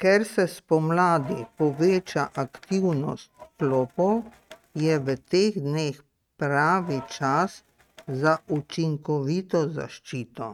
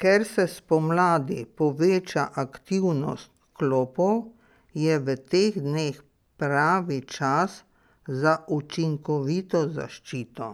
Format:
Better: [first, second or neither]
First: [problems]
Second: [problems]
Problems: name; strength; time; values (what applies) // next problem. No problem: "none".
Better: second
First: noise reduction (neural mask model RNNoise)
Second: none